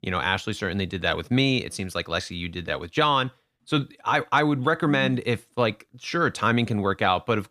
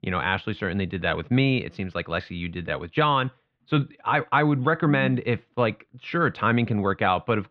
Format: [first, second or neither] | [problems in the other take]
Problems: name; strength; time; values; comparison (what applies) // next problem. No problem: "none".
first | muffled; slightly; fading above 3 kHz